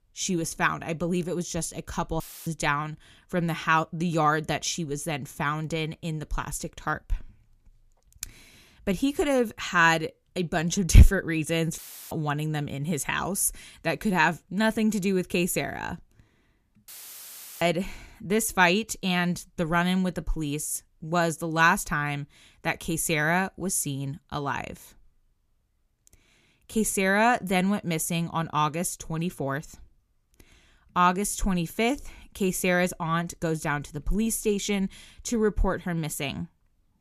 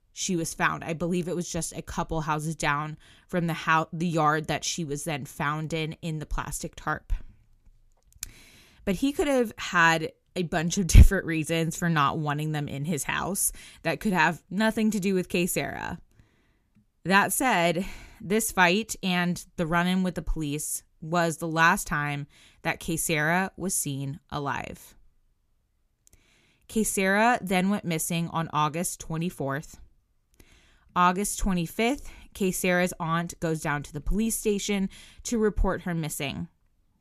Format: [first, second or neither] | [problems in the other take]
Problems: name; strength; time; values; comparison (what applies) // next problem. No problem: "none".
second | audio cutting out; filled with static; at 2 s, at 12 s and at 17 s for 0.5 s